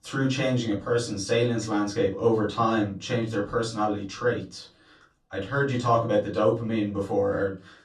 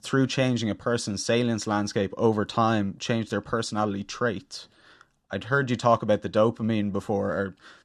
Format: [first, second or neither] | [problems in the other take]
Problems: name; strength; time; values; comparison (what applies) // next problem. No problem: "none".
second | off-mic speech; far // room echo; slight; dies away in 0.2 s